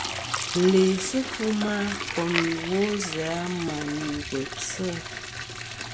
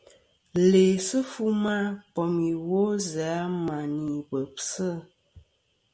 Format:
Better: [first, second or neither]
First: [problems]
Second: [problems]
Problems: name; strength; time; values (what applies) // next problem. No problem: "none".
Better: second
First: background sound (Fill (with liquid) + Liquid); 6 dB below the speech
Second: none